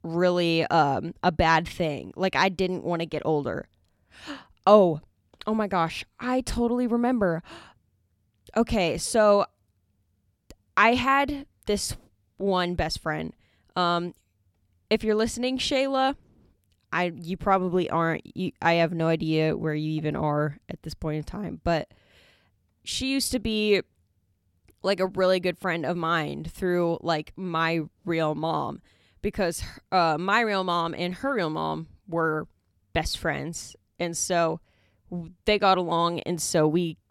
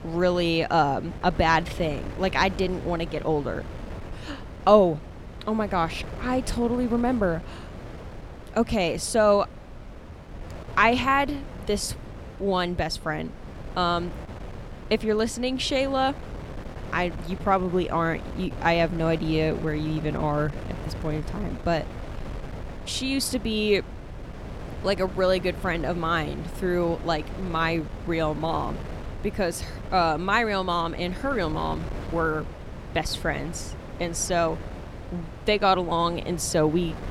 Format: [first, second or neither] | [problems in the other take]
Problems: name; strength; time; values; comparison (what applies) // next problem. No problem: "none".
first | wind noise on the microphone; occasional gusts; 15 dB below the speech